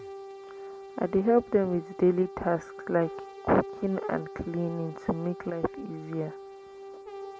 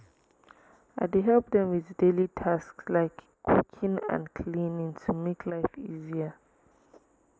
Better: second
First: background sound (Brass instrument); 14 dB below the speech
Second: none

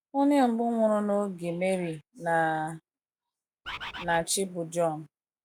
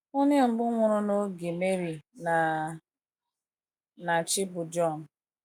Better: second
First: background sound (Bird); 10 dB below the speech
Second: none

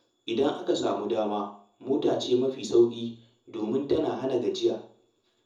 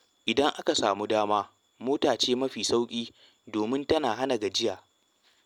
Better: second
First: room echo; dies away in 0.5 s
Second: none

